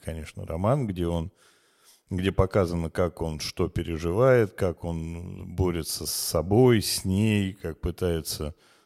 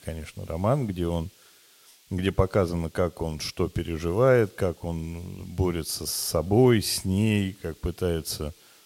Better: first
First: none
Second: hiss; faint; throughout; 30 dB below the speech

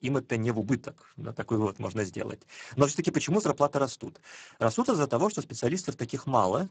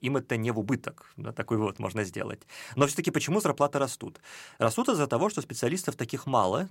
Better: second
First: garbled, watery; badly; nothing above 7.5 kHz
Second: none

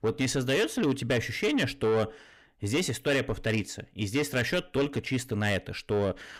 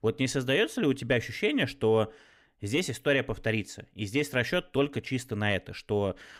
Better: second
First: distortion; slight; 10 dB below the speech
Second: none

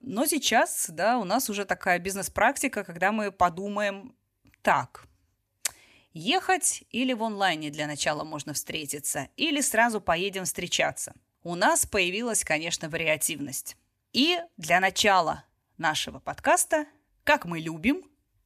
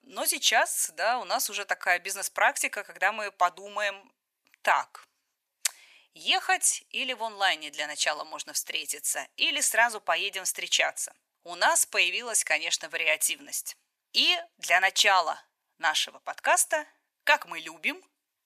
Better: first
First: none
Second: thin; very; fading below 700 Hz

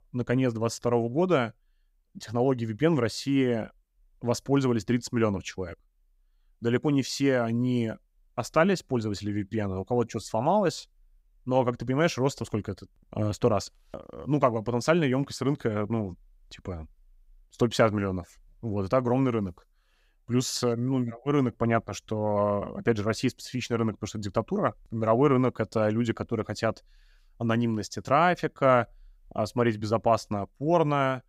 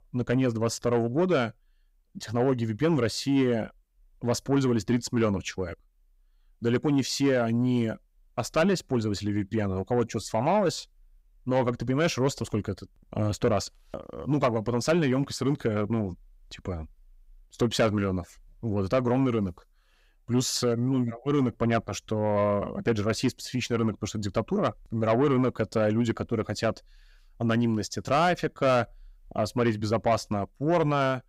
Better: first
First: none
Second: distortion; slight; 10 dB below the speech

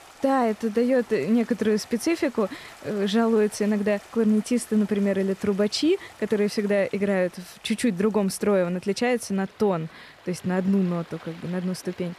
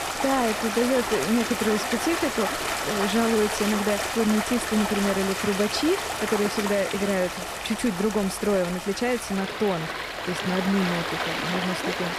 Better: first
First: rain or running water; faint; throughout; 25 dB below the speech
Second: rain or running water; loud; throughout; 2 dB below the speech

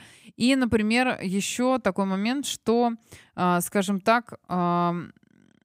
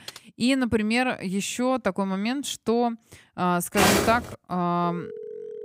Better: first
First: none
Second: keyboard typing; faint; at the start; peak 15 dB below the speech // footsteps; loud; at 4 s; peak 5 dB above the speech // phone ringing; faint; at 5 s; peak 10 dB below the speech

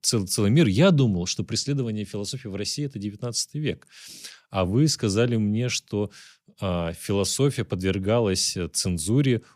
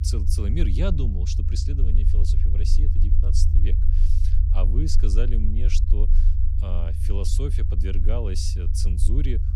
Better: first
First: none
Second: low rumble; loud; throughout; 5 dB below the speech

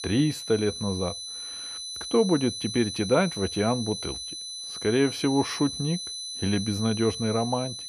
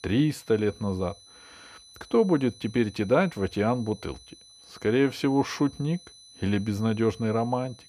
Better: second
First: high-pitched whine; loud; throughout; 4 kHz, 7 dB below the speech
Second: high-pitched whine; faint; throughout; 4 kHz, 25 dB below the speech

